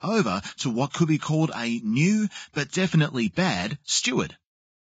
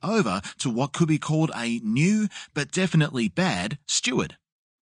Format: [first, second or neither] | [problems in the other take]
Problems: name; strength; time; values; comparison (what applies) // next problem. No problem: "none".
second | garbled, watery; badly; nothing above 7.5 kHz; slightly in the second